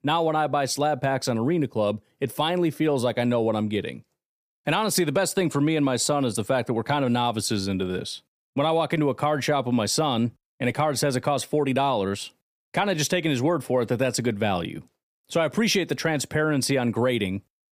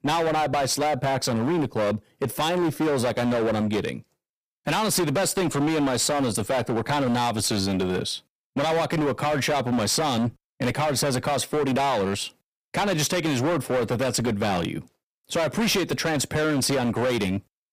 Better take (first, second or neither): first